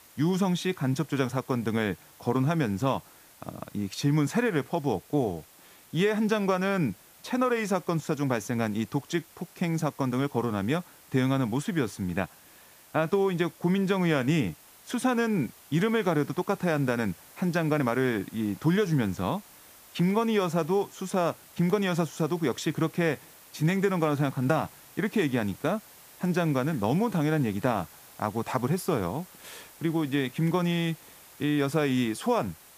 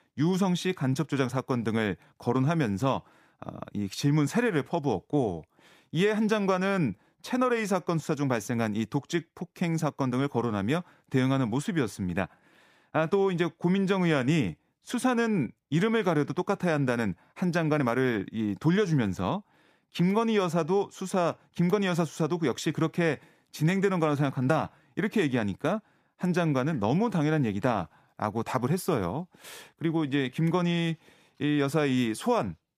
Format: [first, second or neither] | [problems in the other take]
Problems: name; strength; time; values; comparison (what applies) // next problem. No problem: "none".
second | hiss; faint; throughout; 20 dB below the speech